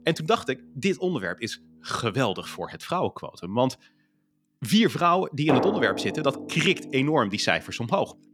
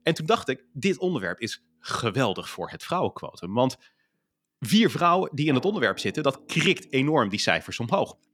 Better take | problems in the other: second | background music; loud; throughout; 6 dB below the speech; faint in the second

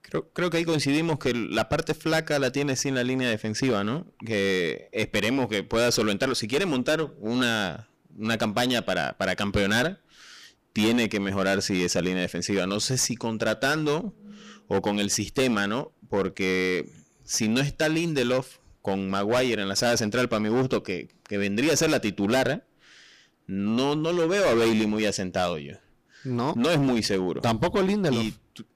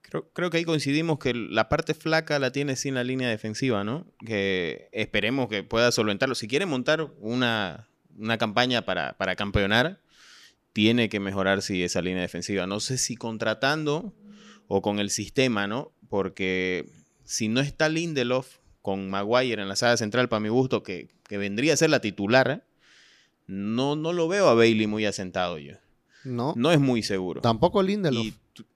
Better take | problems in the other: second | distortion; heavy; 12% of the sound clipped

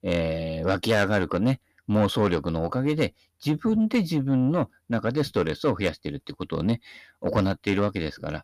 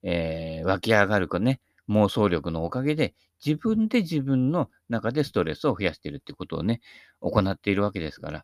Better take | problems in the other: second | distortion; slight; 10 dB below the speech

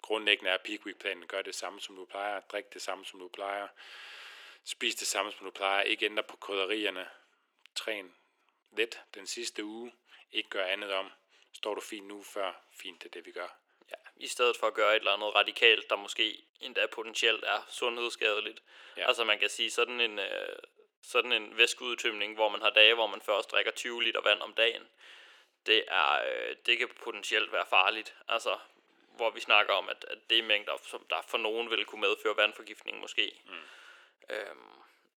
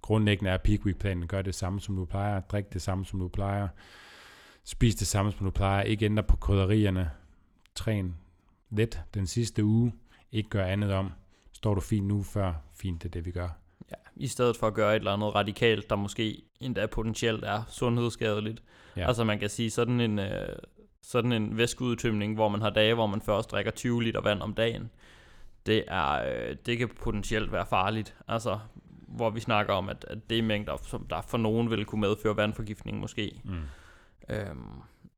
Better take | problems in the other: second | thin; very; fading below 350 Hz

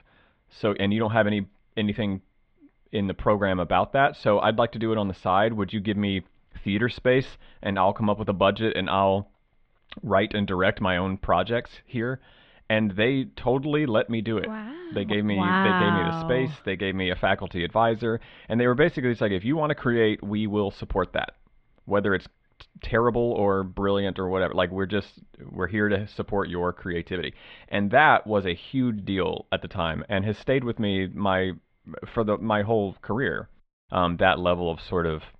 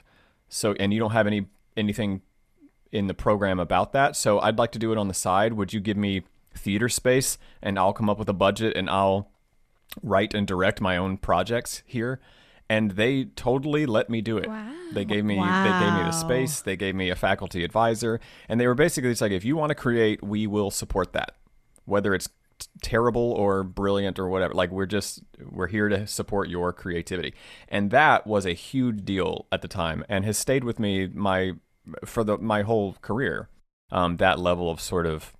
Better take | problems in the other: second | muffled; very; fading above 3.5 kHz

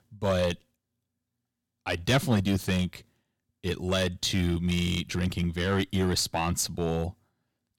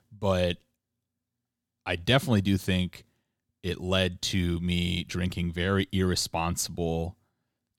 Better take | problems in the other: second | distortion; slight; 4% of the sound clipped

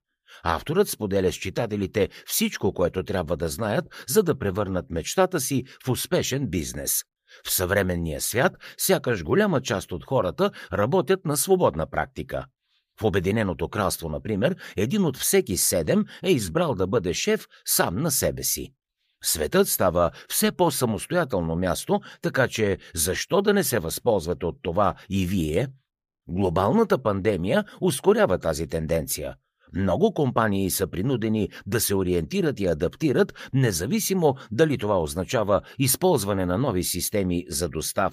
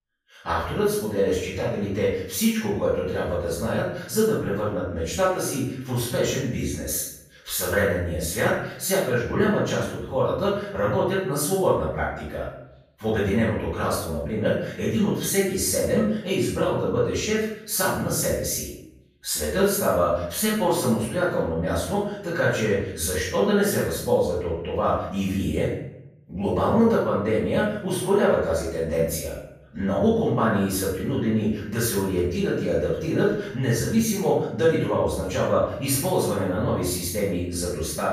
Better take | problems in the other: first | off-mic speech; far // room echo; noticeable; dies away in 0.6 s

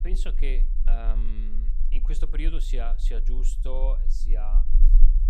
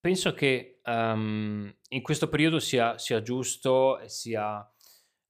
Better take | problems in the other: second | low rumble; noticeable; throughout; 10 dB below the speech

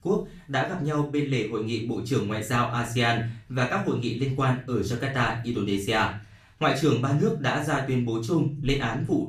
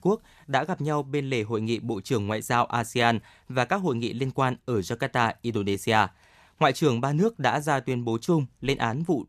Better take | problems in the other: second | off-mic speech; far // room echo; slight; dies away in 0.4 s

